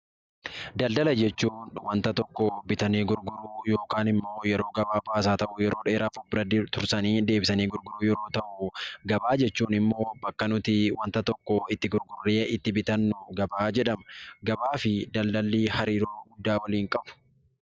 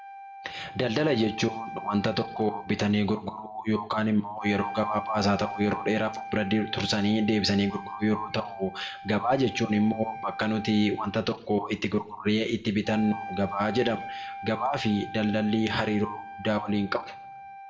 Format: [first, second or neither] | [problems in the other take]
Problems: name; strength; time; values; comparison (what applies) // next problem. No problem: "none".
first | background sound (Wind instrument, woodwind instrument); 13 dB below the speech // room echo; dies away in 0.5 s